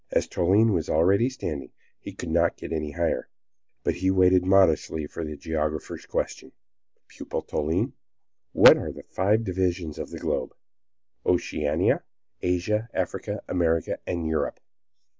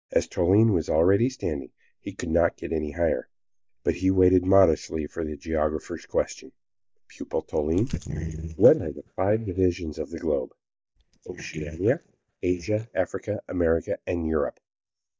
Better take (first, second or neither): first